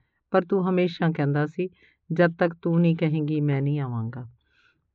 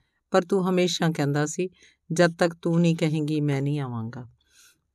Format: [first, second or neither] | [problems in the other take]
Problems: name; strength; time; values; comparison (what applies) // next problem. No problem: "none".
second | muffled; very; fading above 3 kHz